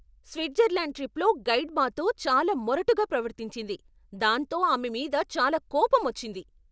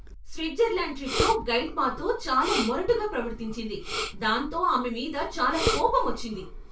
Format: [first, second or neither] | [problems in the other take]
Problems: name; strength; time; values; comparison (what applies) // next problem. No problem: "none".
first | background sound (Respiratory sounds); 7 dB below the speech // room echo; dies away in 0.2 s